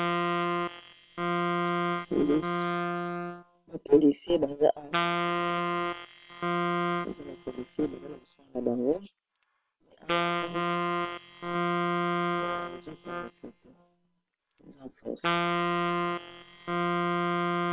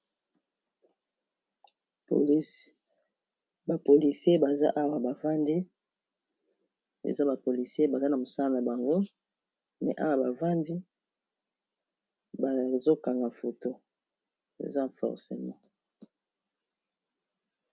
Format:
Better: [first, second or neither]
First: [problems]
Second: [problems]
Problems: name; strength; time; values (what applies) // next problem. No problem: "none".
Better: second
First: noise reduction (neural separator model SepFormer WHAM!)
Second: none